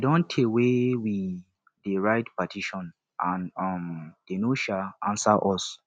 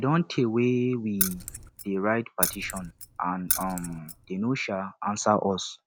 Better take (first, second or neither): first